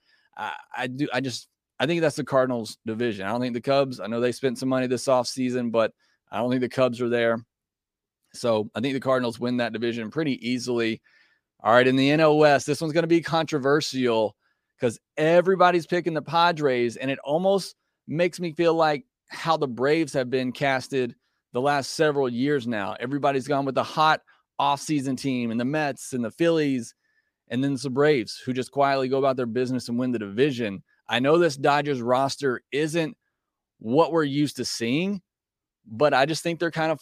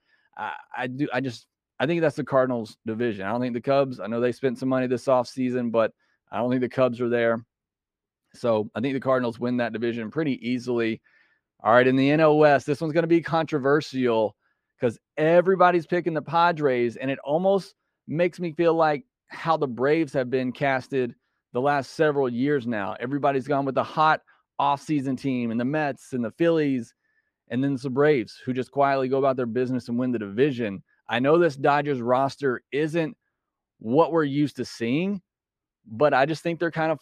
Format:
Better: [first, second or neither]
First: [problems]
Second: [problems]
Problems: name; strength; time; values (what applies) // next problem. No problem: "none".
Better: first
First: none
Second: muffled; slightly; fading above 3.5 kHz